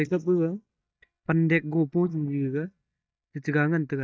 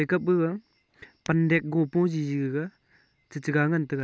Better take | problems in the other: second | noise reduction (neural mask model DeepFilterNet 3)

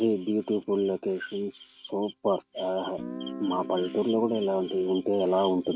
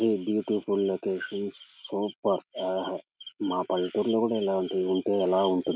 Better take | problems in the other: second | noise reduction (neural mask model RNNoise)

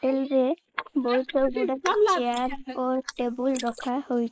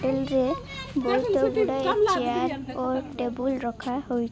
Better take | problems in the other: second | noise reduction (neural mask model Resemble Enhance denoiser)

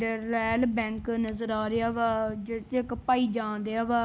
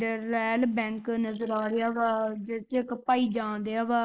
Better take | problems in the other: first | noise reduction (neural mask model Resemble Enhance denoiser)

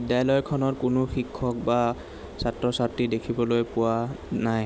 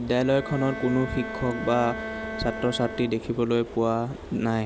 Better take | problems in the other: first | background sound (Bowed string instrument); 11 dB below the speech

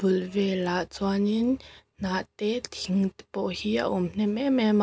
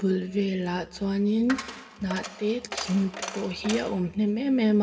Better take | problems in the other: first | background sound (Coin (dropping)); 11 dB below the speech // room echo; dies away in 1.9 s

